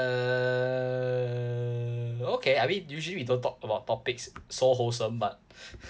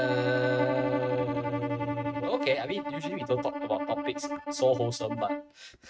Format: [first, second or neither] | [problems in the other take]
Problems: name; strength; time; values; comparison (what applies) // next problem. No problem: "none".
first | noise reduction (neural mask model RNNoise)